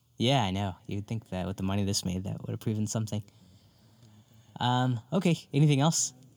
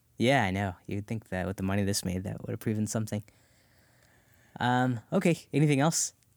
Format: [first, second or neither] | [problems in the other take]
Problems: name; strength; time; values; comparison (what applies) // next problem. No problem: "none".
second | room echo; very slight; dies away in 3 s